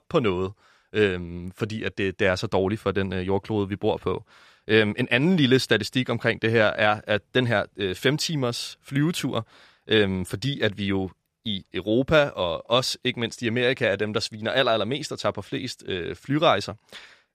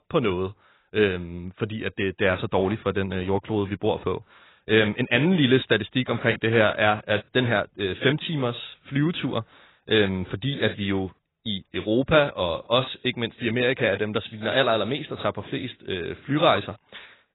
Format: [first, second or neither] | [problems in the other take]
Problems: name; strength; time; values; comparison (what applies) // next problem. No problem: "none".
first | garbled, watery; badly; nothing above 4 kHz